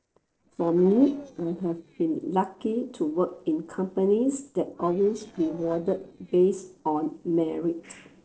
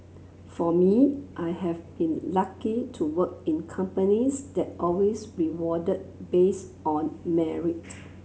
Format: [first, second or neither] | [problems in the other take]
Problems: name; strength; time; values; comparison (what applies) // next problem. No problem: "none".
second | noise reduction (neural separator model SepFormer DNS4)